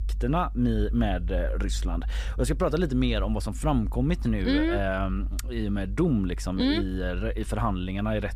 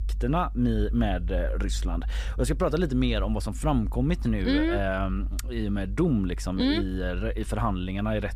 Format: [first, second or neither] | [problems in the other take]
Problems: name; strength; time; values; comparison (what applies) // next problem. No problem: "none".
neither | low rumble; faint; throughout; 25 dB below the speech; the same in both